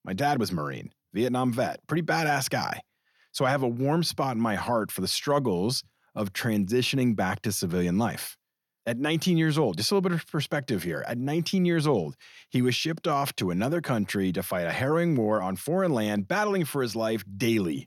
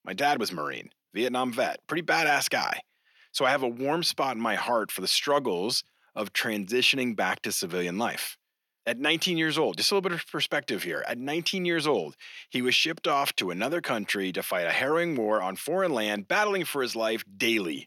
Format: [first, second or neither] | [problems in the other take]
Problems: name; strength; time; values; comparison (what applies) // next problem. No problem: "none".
first | thin; somewhat; fading below 300 Hz